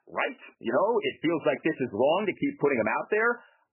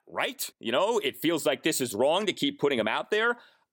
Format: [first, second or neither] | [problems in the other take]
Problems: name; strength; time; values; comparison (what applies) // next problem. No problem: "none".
second | garbled, watery; badly; nothing above 3 kHz